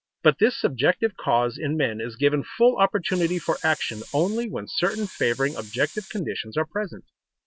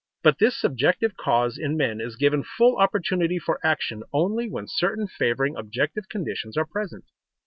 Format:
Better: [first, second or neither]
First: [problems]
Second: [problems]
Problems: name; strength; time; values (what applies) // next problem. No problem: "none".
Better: second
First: background sound (Hiss); 19 dB below the speech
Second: none